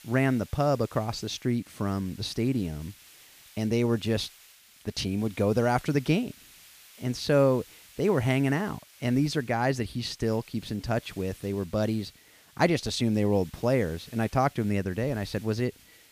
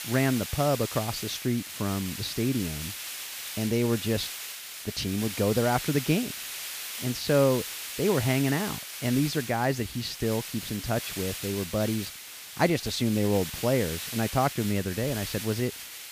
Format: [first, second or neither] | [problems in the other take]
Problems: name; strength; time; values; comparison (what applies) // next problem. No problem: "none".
first | hiss; loud; throughout; 7 dB below the speech; faint in the first